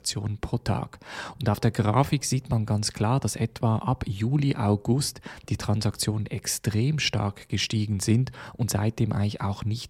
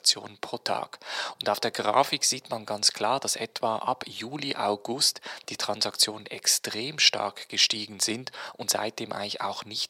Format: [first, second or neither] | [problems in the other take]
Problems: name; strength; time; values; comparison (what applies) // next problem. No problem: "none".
first | thin; very; fading below 500 Hz